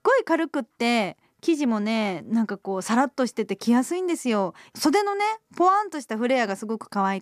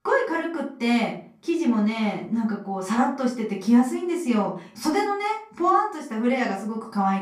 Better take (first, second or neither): first